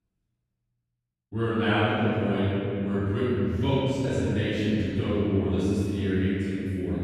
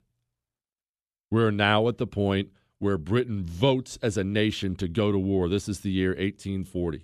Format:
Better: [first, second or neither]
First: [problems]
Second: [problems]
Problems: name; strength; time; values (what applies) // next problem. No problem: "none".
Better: second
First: off-mic speech; far // room echo; strong; dies away in 3 s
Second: none